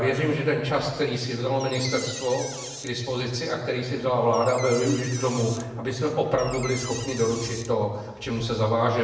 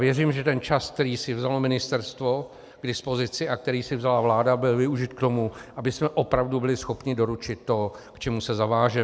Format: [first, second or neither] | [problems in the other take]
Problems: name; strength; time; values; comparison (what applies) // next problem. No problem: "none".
second | background sound (Door); 12 dB below the speech // room echo; dies away in 1 s